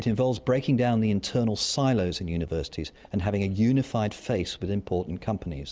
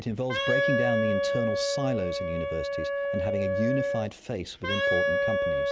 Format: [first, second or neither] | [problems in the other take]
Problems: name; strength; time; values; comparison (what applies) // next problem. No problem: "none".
first | background sound (Wind instrument, woodwind instrument); 4 dB above the speech